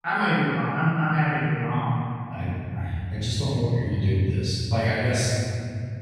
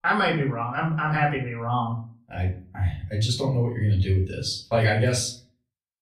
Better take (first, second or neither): second